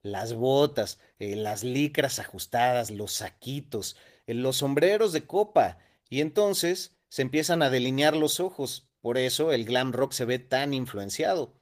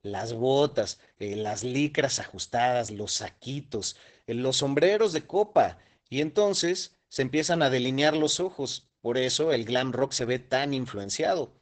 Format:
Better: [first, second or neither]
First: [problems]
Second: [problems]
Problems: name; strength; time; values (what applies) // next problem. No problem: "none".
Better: first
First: garbled, watery; slightly; nothing above 15 kHz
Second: garbled, watery; badly; nothing above 8 kHz